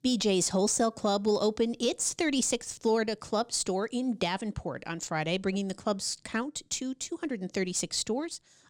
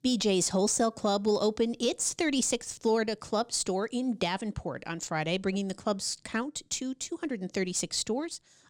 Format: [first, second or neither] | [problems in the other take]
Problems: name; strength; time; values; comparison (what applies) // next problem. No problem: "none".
neither | none